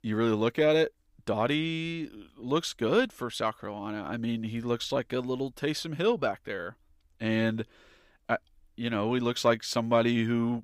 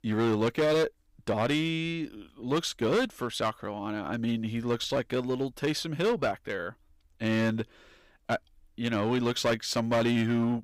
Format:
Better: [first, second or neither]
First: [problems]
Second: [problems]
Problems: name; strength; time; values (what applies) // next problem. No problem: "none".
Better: first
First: none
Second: distortion; slight; 7% of the sound clipped